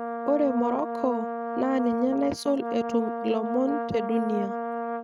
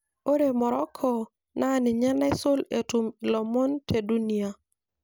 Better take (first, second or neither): second